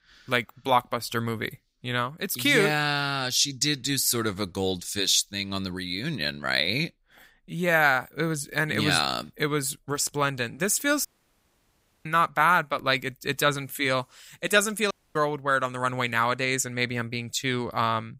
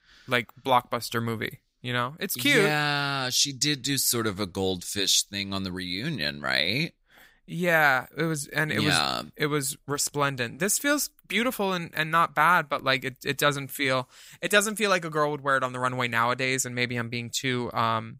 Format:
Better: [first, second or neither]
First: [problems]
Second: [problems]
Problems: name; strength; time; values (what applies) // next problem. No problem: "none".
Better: second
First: audio cutting out; at 11 s for 1 s and at 15 s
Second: none